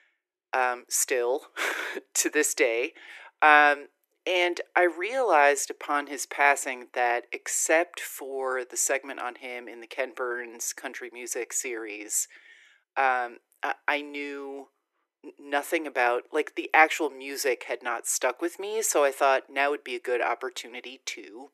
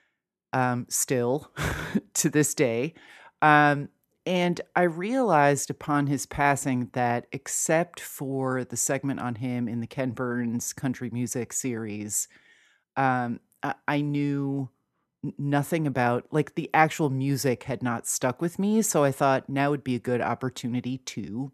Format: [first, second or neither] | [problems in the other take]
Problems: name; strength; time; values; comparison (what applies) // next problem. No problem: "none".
second | thin; very; fading below 350 Hz